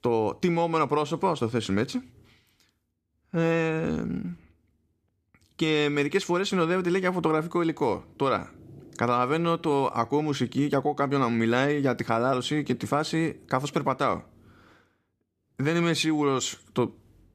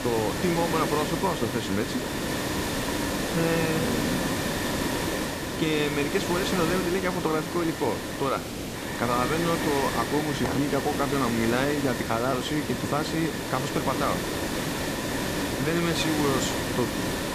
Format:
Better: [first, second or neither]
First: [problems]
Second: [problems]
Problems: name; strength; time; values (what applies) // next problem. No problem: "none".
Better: first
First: none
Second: hiss; loud; throughout; 1 dB below the speech